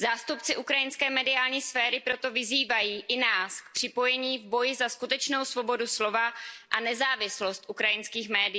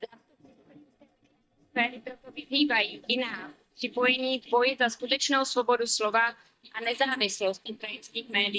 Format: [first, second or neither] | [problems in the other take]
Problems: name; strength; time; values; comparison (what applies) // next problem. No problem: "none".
first | noise reduction (neural mask model DeepFilterNet 3)